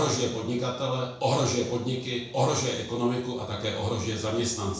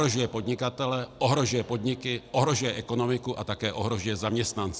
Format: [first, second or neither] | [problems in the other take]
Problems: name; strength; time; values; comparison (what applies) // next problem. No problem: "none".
second | room echo; dies away in 0.6 s